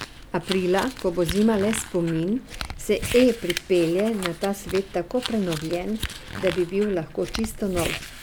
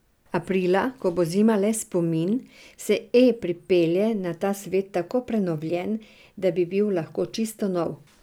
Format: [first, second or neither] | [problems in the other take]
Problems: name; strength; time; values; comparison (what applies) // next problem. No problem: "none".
second | background sound (Crumpling, crinkling); 10 dB below the speech